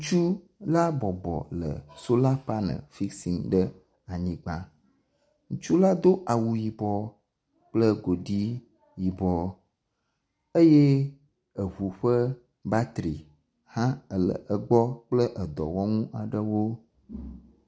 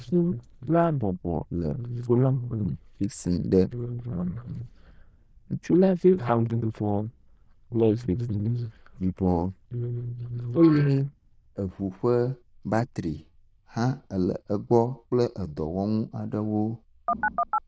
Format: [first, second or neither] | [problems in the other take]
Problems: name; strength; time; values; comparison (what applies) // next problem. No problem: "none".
first | noise reduction (neural diffusion model UNIVERSE++)